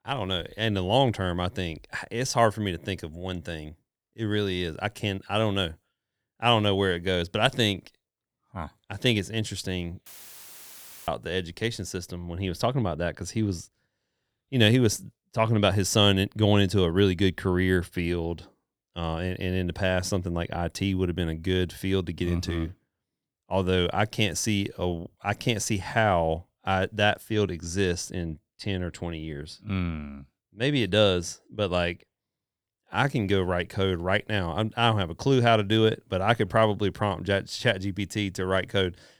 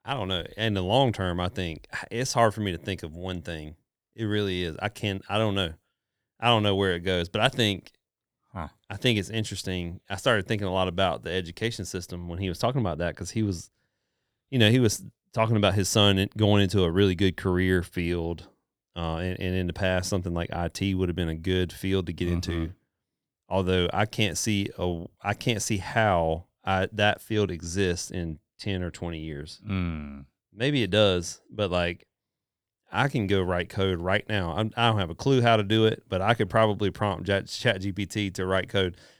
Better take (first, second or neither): second